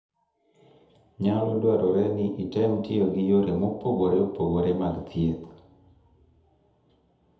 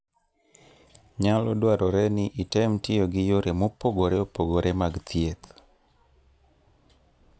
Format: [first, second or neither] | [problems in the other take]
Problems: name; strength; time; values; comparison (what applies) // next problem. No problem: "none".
second | room echo; dies away in 0.7 s